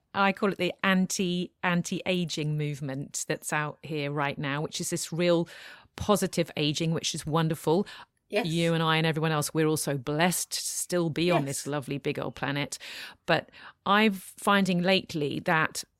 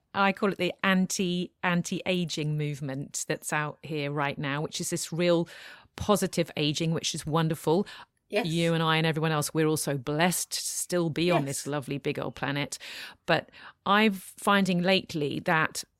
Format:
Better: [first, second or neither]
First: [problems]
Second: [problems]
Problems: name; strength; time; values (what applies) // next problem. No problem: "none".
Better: neither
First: none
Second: none